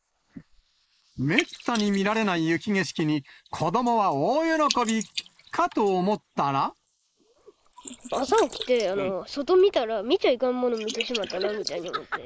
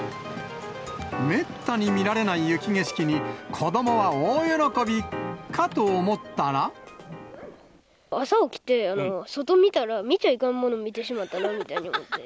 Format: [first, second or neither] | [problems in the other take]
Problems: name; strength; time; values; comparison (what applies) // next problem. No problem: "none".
second | noise reduction (neural mask model Resemble Enhance denoiser)